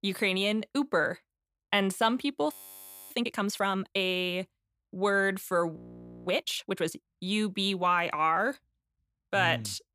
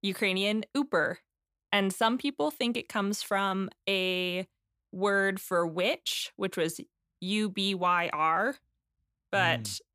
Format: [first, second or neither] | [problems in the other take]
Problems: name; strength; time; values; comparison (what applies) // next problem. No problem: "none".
second | audio freezing; at 2.5 s for 0.5 s and at 6 s for 0.5 s